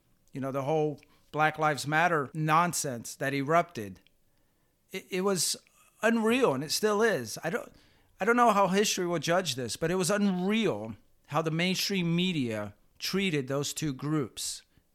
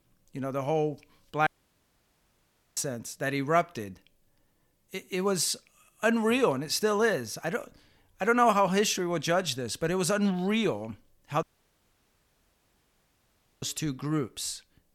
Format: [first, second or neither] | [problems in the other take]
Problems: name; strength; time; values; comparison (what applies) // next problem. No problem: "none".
first | audio cutting out; at 1.5 s for 1.5 s and at 11 s for 2 s